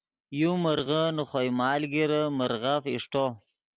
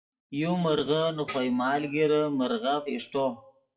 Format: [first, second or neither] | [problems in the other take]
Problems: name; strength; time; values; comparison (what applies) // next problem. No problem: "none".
first | noise reduction (classical method WPE with log-MMSE)